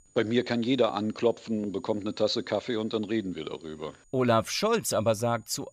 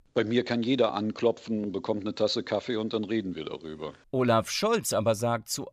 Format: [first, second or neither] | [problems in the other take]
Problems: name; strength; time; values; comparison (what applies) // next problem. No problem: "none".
second | high-pitched whine; faint; throughout; 7 kHz, 35 dB below the speech